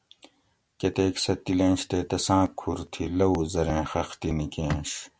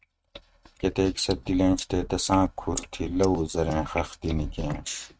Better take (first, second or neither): first